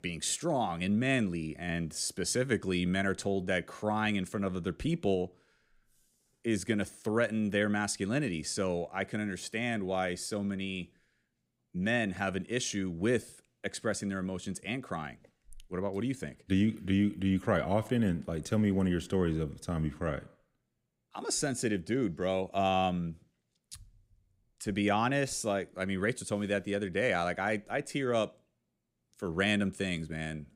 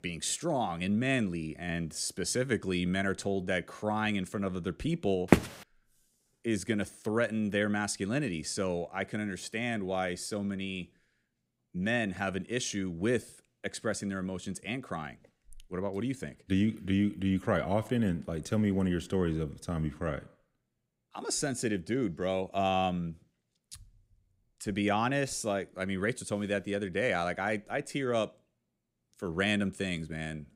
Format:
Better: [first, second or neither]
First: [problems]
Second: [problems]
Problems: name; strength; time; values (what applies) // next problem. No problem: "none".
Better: first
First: none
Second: footsteps; loud; at 5.5 s; peak 6 dB above the speech